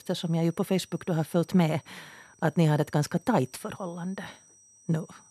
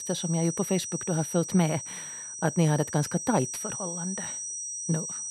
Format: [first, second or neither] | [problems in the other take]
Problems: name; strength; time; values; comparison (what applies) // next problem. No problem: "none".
first | high-pitched whine; loud; throughout; 6 kHz, 5 dB below the speech; faint in the first